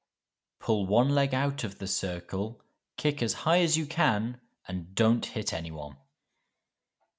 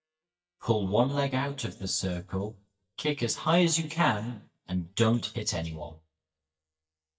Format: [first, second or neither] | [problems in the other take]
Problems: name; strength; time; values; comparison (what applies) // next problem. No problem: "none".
first | noise reduction (neural mask model DeepFilterNet 3)